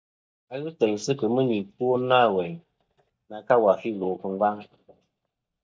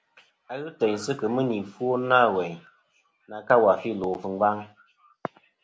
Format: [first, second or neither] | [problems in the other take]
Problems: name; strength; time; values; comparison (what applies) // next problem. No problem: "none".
second | noise reduction (neural mask model DeepFilterNet 3)